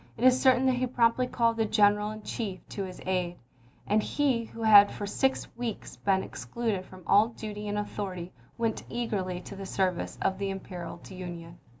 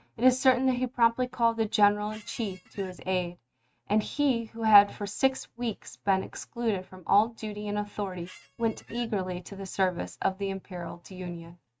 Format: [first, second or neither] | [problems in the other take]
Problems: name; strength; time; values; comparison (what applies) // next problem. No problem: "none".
first | noise reduction (neural mask model RNNoise)